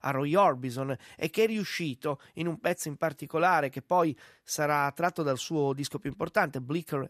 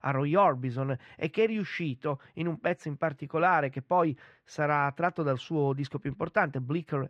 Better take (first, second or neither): first